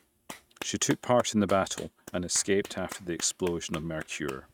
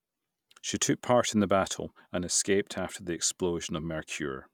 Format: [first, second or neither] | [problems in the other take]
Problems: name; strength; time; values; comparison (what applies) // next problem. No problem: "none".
second | noise reduction (neural mask model RNNoise)